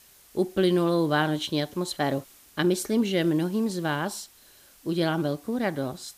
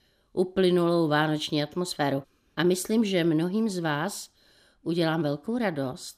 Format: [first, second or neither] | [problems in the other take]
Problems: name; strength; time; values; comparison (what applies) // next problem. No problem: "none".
second | hiss; faint; throughout; 25 dB below the speech